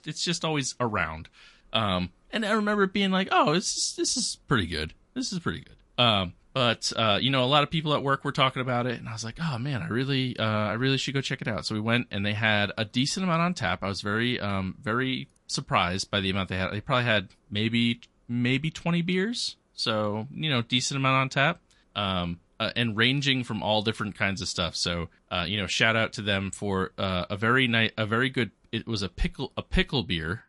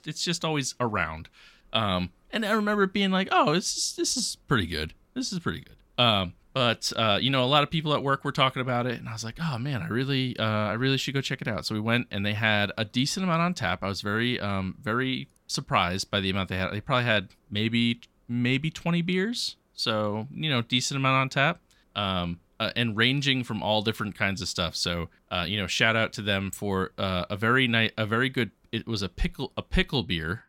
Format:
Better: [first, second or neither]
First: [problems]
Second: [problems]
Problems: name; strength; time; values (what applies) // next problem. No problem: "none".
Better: second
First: garbled, watery; slightly; nothing above 11 kHz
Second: none